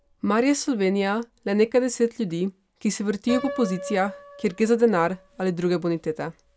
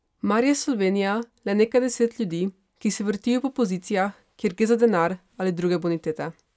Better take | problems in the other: second | background sound (Piano); 17 dB below the speech

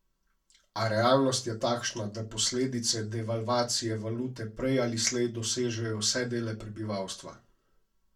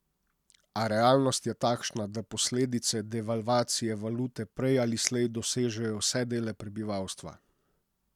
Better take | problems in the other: second | room echo; dies away in 0.2 s

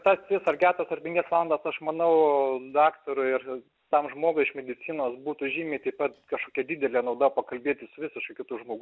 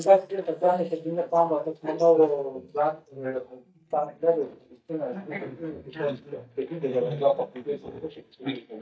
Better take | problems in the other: first | noise reduction (neural mask model DeepFilterNet 3)

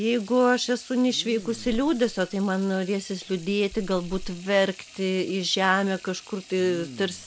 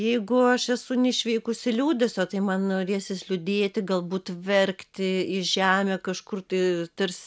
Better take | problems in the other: second | background sound (Sink (filling or washing) / Water tap, faucet + Respiratory sounds); 17 dB below the speech

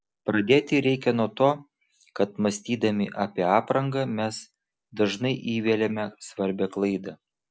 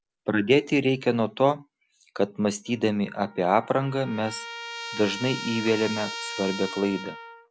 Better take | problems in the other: first | background sound (Trumpet); 13 dB below the speech

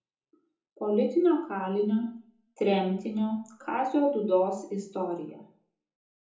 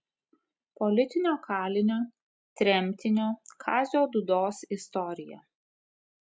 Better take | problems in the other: second | room echo; dies away in 0.5 s

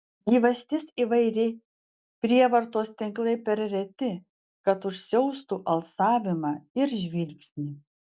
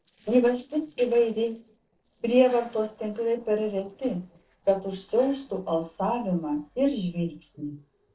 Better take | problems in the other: first | noise reduction (neural separator model SepFormer DNS4)

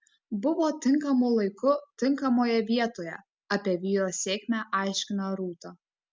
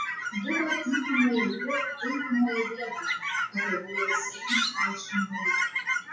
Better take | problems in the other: first | noise reduction (classical method WPE with log-MMSE)

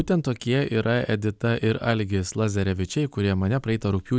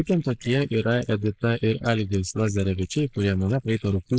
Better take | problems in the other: first | noise reduction (neural mask model Resemble Enhance denoiser)

